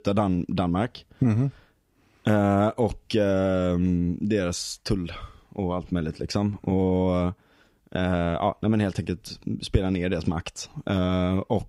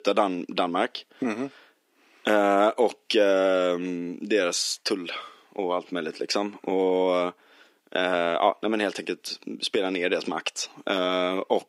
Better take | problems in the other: first | thin; somewhat; fading below 300 Hz

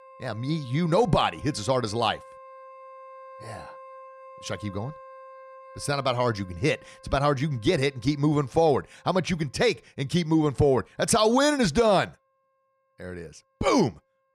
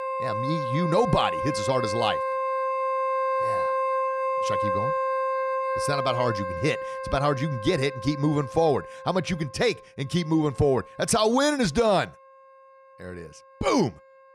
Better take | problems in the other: first | background music; loud; throughout; 2 dB below the speech; faint in the first

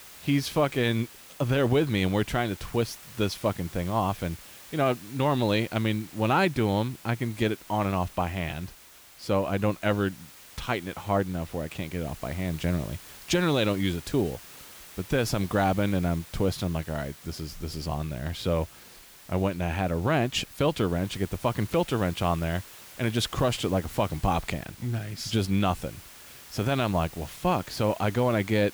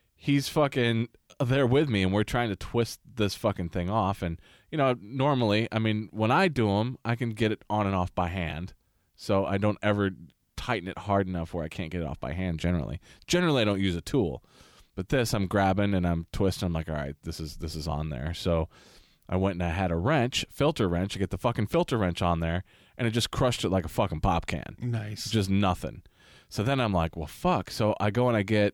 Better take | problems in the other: second | hiss; noticeable; throughout; 20 dB below the speech

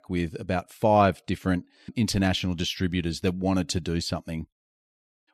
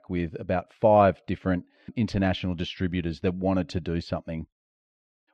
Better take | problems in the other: first | muffled; slightly; fading above 2.5 kHz

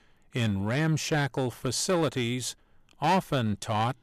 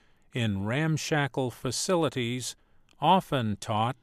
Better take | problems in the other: second | distortion; slight; 5% of the sound clipped

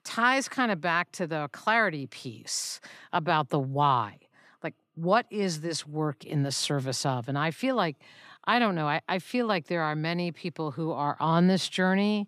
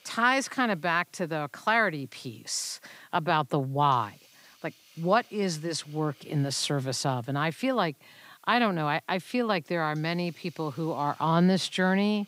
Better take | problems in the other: first | hiss; faint; throughout; 30 dB below the speech

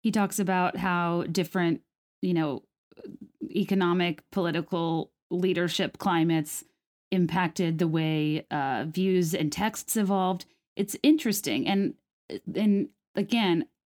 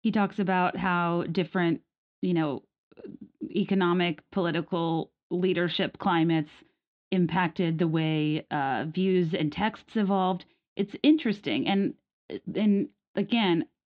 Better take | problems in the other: first | muffled; slightly; fading above 3.5 kHz

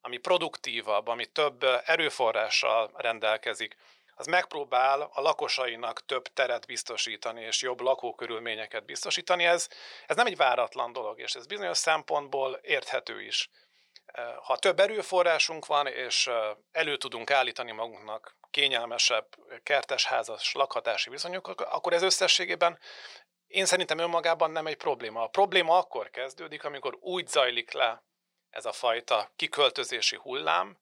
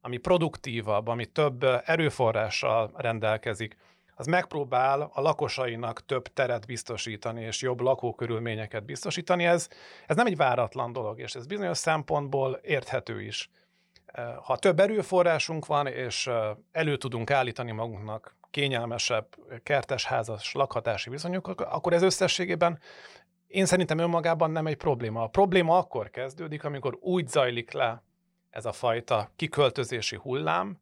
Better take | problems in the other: second | thin; very; fading below 500 Hz

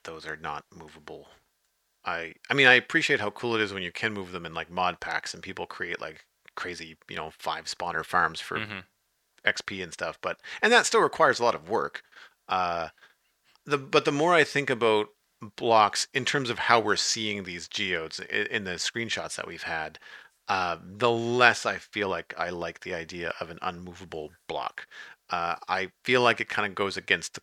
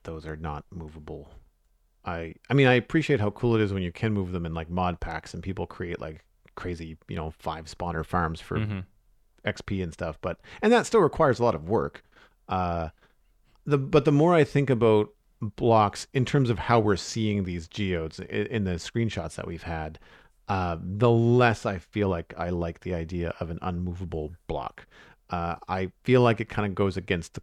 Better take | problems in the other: second | thin; somewhat; fading below 1 kHz

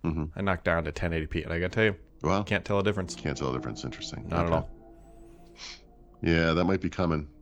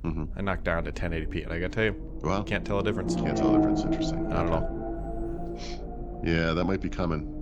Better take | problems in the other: first | low rumble; loud; throughout; 2 dB below the speech; faint in the first

